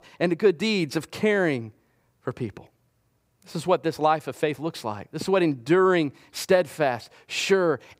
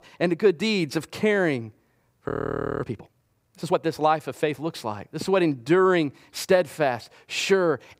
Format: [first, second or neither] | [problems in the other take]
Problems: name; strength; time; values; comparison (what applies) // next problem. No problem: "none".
first | audio freezing; at 2.5 s for 0.5 s